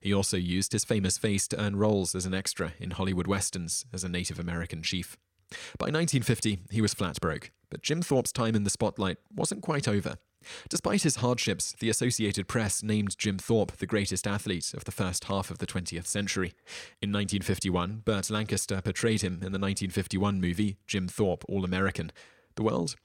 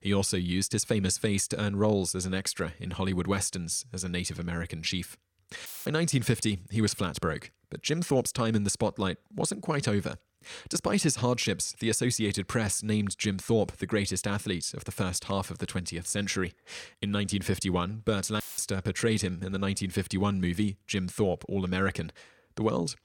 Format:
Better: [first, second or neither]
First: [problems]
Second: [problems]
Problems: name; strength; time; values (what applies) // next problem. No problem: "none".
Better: first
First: none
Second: audio cutting out; filled with static; at 5.5 s and at 18 s